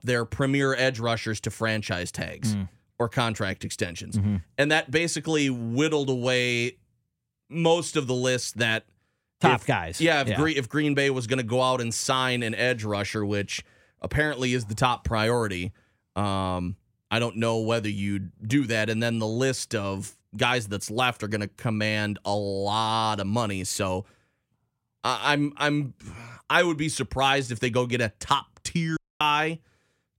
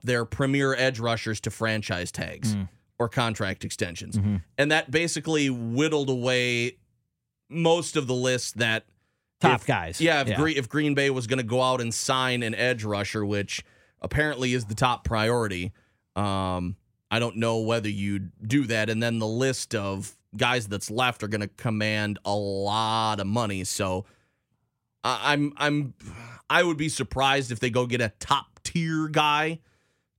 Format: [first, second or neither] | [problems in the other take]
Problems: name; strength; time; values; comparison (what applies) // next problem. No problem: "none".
second | audio cutting out; at 29 s